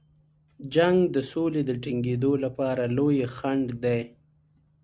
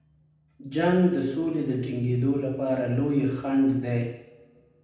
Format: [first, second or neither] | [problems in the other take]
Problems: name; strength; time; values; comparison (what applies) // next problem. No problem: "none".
first | room echo; dies away in 0.9 s